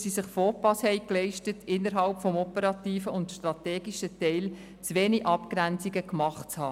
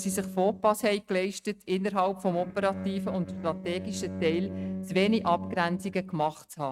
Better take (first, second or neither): first